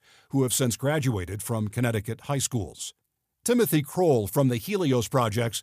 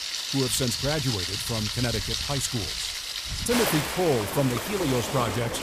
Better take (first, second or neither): first